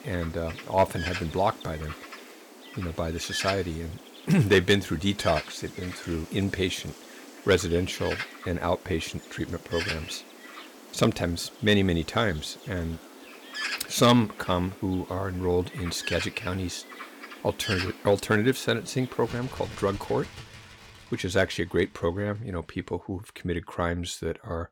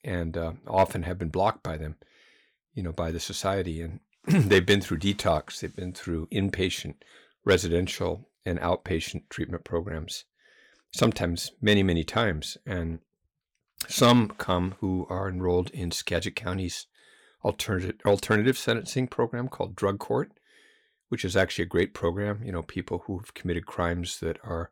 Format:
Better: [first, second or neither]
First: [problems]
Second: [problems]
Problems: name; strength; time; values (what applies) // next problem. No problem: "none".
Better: second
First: animal sounds; noticeable; throughout; 10 dB below the speech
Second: none